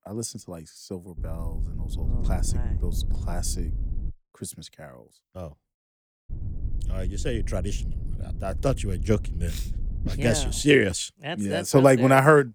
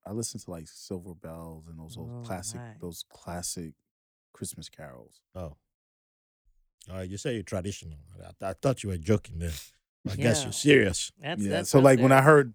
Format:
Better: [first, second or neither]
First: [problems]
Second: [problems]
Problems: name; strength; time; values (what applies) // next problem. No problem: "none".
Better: second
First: wind noise on the microphone; occasional gusts; from 1 to 4 s and from 6.5 to 11 s; 25 dB below the speech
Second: none